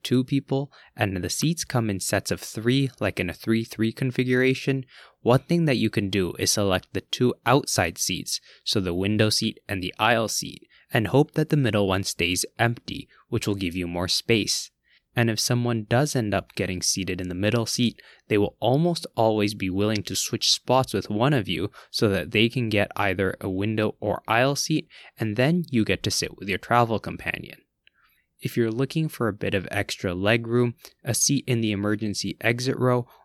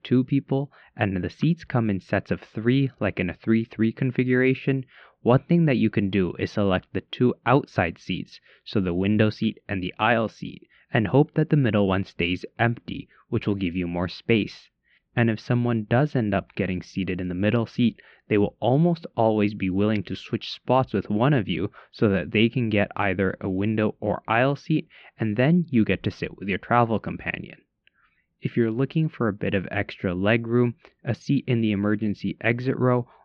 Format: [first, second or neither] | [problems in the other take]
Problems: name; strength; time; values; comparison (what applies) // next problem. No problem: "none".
first | muffled; very; fading above 3 kHz